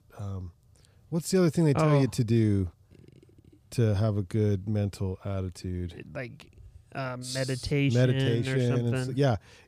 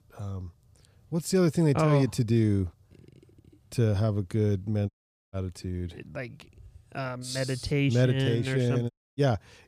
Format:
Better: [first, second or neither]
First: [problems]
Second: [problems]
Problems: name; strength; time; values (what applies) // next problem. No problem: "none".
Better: first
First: none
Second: audio cutting out; at 5 s and at 9 s